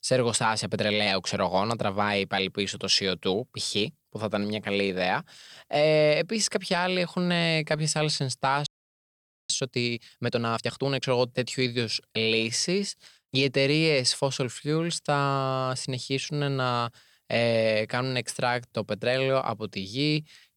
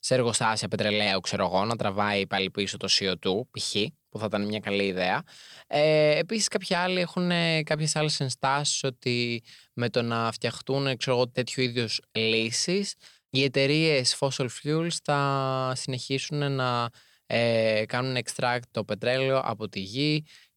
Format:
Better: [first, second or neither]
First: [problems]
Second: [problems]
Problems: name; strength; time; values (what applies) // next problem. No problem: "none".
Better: second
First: audio freezing; at 8.5 s for 1 s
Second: none